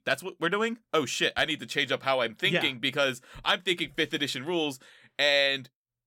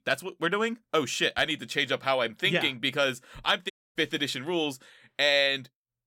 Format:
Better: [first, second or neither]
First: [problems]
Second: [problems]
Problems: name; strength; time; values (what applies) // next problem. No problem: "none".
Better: first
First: none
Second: audio cutting out; at 3.5 s